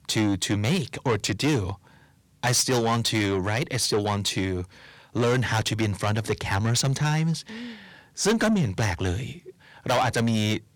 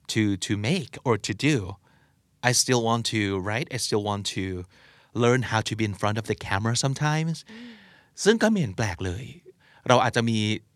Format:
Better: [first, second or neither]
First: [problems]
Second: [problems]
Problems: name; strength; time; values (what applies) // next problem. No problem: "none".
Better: second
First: distortion; heavy; 7 dB below the speech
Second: none